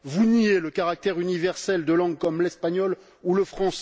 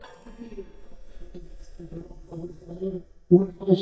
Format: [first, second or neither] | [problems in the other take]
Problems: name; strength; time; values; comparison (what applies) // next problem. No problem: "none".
first | noise reduction (neural mask model DeepFilterNet 3)